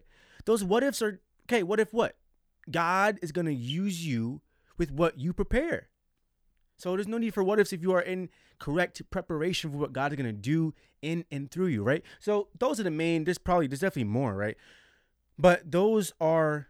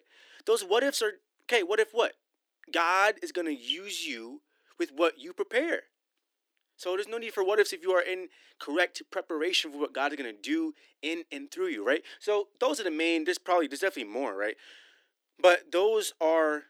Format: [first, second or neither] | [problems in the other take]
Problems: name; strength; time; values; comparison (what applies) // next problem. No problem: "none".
first | thin; somewhat; fading below 300 Hz